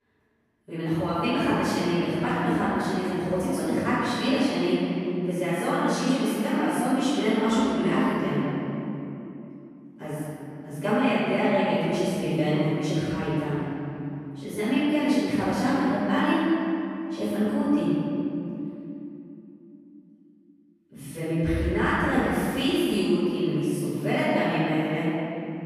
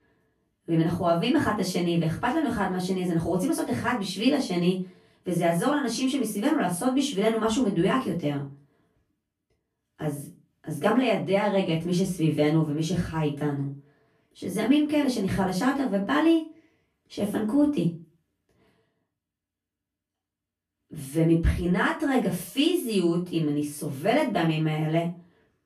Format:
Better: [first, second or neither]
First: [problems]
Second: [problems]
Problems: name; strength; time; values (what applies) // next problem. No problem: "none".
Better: second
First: room echo; strong; dies away in 3 s // off-mic speech; far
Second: room echo; slight; dies away in 0.3 s // off-mic speech; far